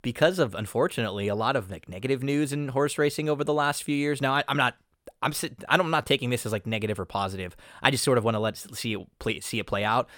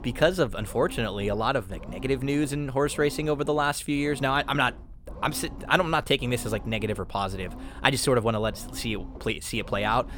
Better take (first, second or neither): first